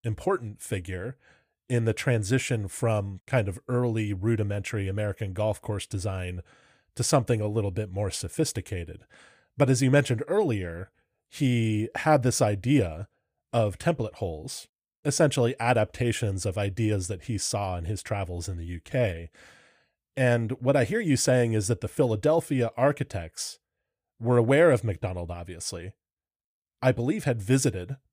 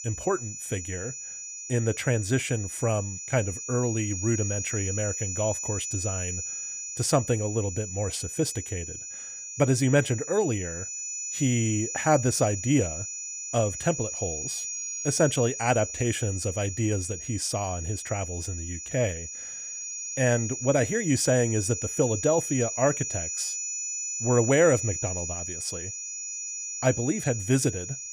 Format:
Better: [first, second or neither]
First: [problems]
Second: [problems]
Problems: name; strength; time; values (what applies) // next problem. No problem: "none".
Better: first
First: none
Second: high-pitched whine; loud; throughout; 7 kHz, 5 dB below the speech